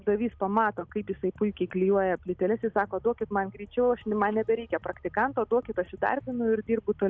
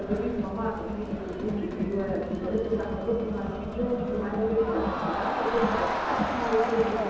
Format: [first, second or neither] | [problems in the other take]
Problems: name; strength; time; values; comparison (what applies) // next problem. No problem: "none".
first | background sound (Crowd); 1 dB below the speech // room echo; dies away in 1.1 s